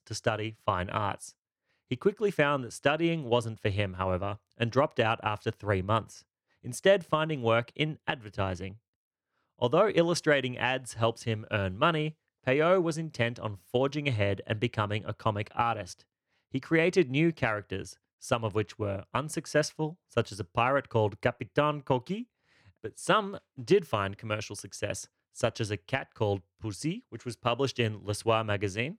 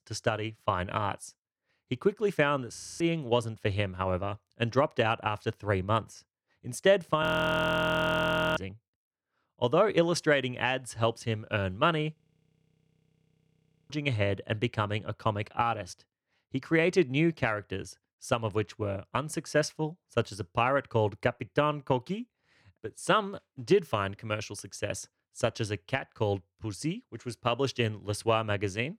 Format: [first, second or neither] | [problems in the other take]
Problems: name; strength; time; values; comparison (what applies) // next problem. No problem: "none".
first | audio freezing; at 3 s, at 7 s for 1.5 s and at 12 s for 1.5 s